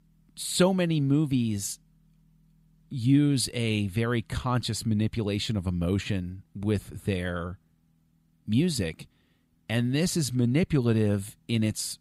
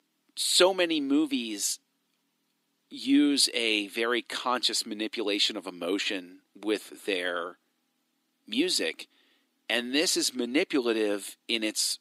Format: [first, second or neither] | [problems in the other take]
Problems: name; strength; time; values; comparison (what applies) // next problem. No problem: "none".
first | thin; somewhat; fading below 300 Hz